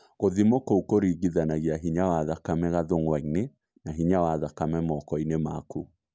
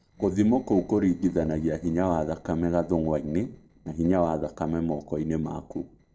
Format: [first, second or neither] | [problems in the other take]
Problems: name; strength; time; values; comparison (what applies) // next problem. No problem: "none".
first | noise reduction (neural separator model SepFormer DNS4)